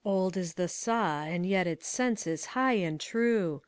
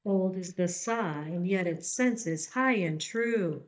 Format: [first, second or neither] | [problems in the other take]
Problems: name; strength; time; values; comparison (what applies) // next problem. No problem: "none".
first | noise reduction (neural mask model DeepFilterNet 3)